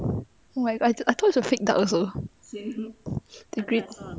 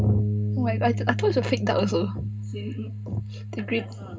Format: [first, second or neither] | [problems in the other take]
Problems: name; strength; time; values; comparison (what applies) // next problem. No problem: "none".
first | background sound (Bass guitar); 1 dB below the speech // room echo; dies away in 0.2 s